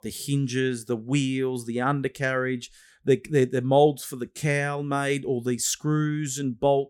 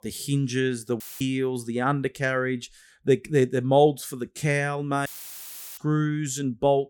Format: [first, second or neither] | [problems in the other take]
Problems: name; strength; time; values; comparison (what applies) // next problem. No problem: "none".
first | audio cutting out; filled with static; at 1 s and at 5 s for 0.5 s